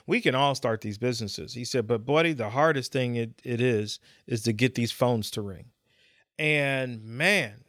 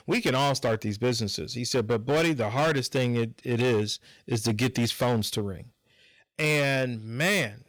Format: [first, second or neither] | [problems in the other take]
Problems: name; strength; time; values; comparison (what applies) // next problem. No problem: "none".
first | distortion; heavy; 13% of the sound clipped